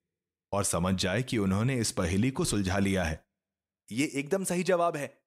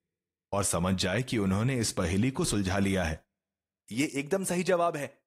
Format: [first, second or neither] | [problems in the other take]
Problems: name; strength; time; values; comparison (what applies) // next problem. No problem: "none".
first | garbled, watery; slightly